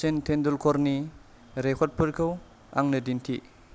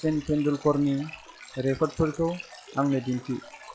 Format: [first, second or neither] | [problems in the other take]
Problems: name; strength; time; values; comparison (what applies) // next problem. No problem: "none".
first | noise reduction (classical method log-MMSE)